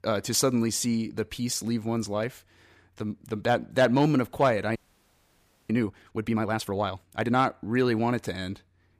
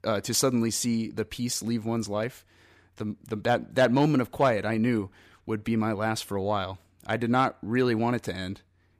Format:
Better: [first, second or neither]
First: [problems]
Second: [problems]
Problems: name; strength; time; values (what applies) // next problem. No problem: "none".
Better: second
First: audio freezing; at 5 s for 1 s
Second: none